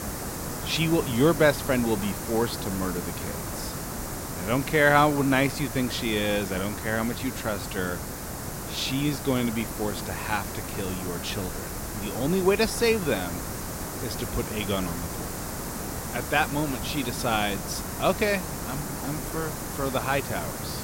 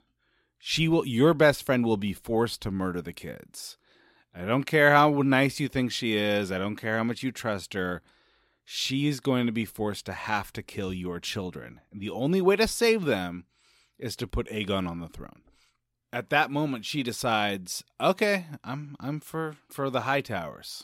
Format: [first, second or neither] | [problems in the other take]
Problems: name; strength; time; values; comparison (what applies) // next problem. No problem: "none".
second | hiss; loud; throughout; 6 dB below the speech